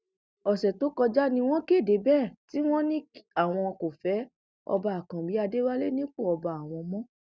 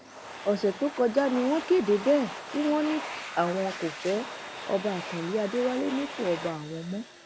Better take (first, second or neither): first